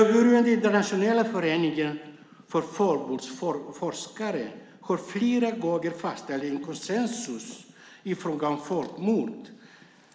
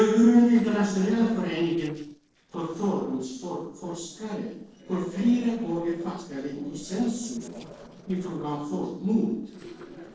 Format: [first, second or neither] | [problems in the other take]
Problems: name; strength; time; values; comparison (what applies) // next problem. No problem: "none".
first | noise reduction (neural separator model SepFormer DNS4)